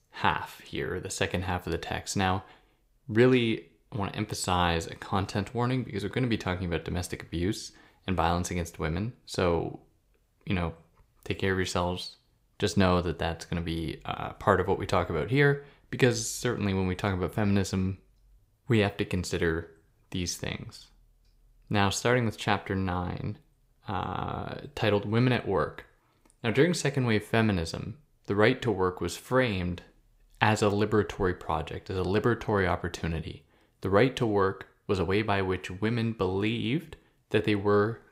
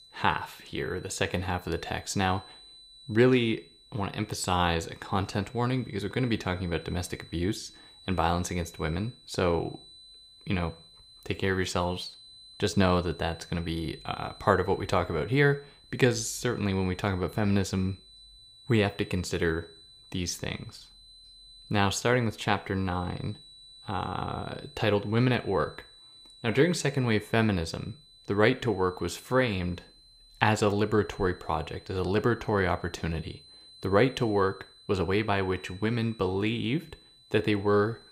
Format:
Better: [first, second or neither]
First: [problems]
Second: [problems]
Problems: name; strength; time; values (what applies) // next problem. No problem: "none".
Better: first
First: none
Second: high-pitched whine; faint; throughout; 4 kHz, 25 dB below the speech